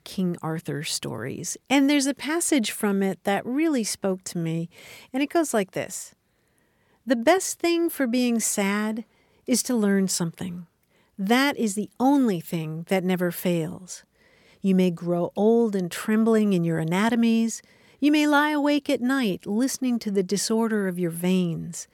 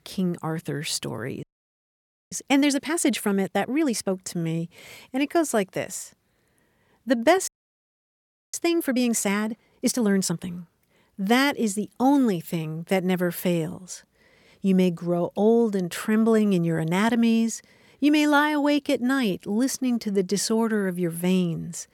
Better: first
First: none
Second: audio freezing; at 1.5 s for 1 s and at 7.5 s for 1 s

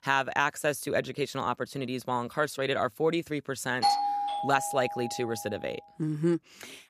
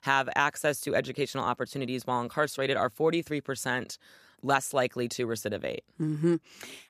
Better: second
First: doorbell; loud; from 4 to 5 s; peak 4 dB above the speech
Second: none

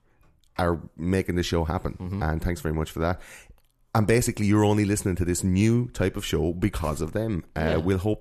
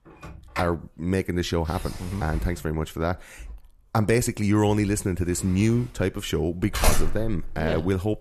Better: first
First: household noises; faint; throughout; 30 dB below the speech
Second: household noises; loud; throughout; 8 dB below the speech

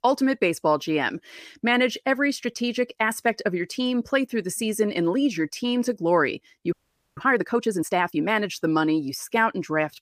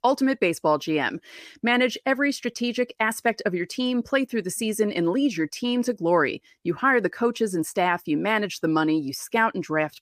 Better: second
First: audio freezing; at 6.5 s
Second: none

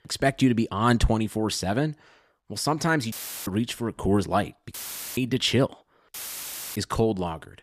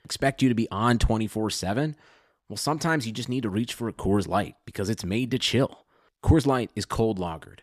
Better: second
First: audio cutting out; filled with static; at 3 s, at 4.5 s and at 6 s for 0.5 s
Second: none

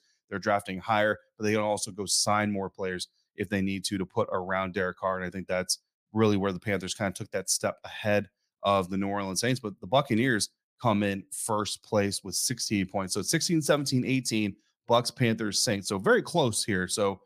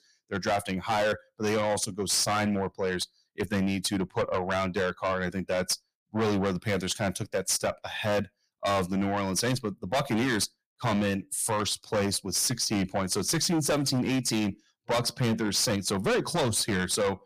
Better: first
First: none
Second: distortion; heavy; 6 dB below the speech

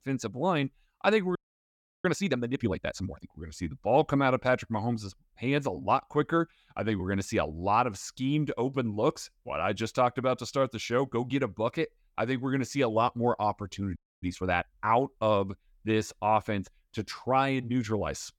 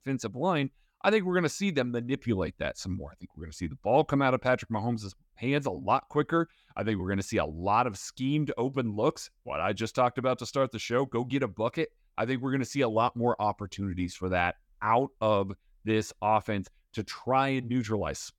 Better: second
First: audio freezing; at 1.5 s for 0.5 s and at 14 s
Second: none

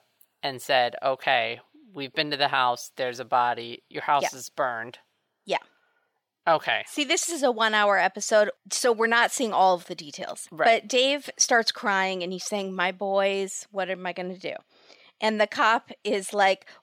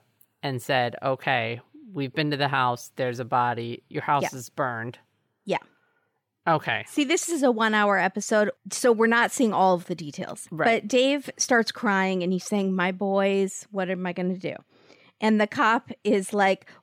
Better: second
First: thin; somewhat; fading below 600 Hz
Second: none

